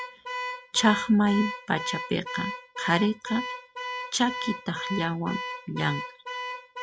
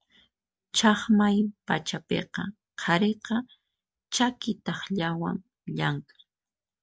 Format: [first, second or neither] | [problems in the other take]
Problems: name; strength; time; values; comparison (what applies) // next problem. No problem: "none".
second | background sound (Alarm / Car); 7 dB below the speech